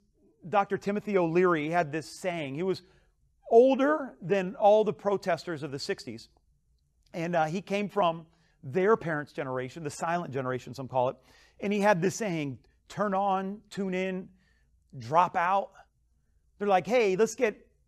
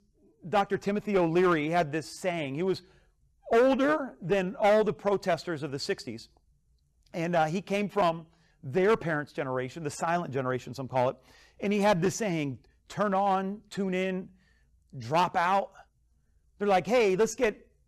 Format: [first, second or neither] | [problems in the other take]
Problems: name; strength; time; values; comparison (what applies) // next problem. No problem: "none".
first | distortion; slight; 4% of the sound clipped